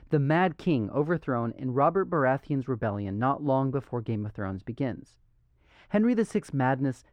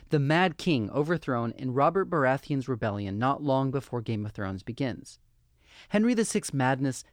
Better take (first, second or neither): second